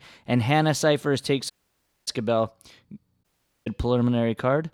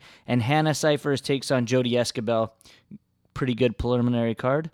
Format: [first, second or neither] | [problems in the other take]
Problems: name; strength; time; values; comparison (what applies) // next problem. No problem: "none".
second | audio cutting out; at 1.5 s for 0.5 s and at 3 s